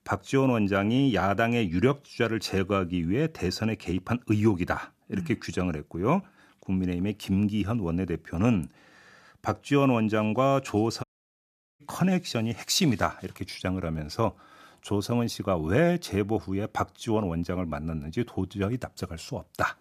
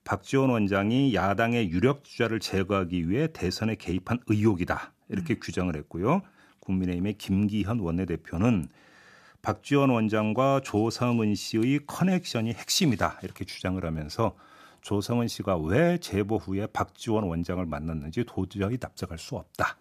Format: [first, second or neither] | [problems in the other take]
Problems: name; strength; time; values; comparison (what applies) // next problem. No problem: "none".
second | audio cutting out; at 11 s for 1 s